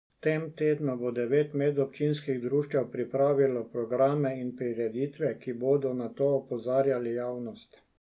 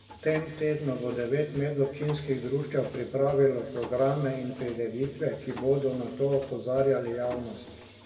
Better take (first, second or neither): first